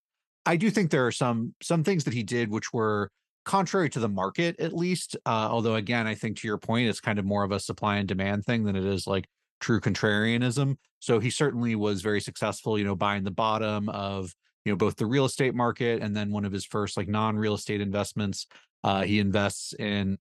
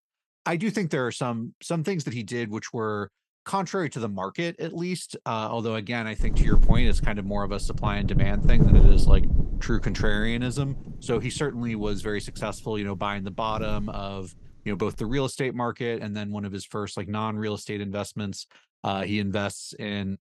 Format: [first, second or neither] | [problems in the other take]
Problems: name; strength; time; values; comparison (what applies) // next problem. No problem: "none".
first | wind noise on the microphone; heavy; from 6 to 15 s; 7 dB below the speech